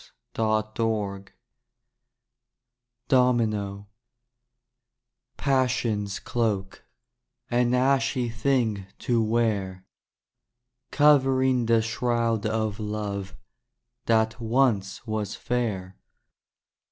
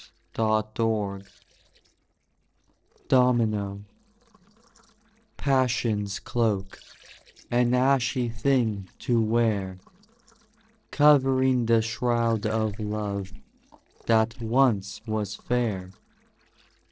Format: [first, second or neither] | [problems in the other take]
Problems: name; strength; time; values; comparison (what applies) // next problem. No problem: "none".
first | noise reduction (neural separator model SepFormer DNS4)